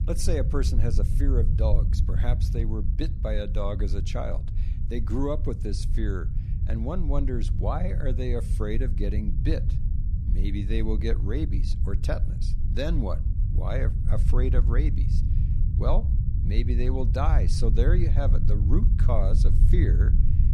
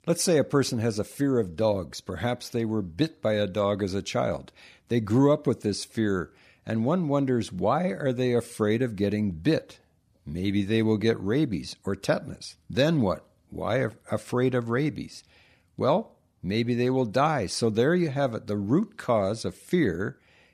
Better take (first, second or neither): second